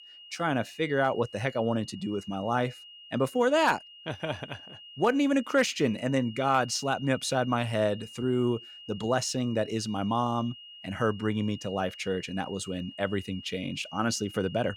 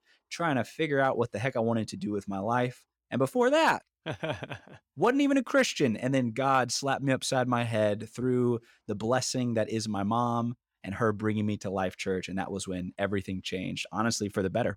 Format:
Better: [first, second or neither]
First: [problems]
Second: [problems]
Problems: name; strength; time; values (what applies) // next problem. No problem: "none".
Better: second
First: high-pitched whine; noticeable; throughout; 3 kHz, 15 dB below the speech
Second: none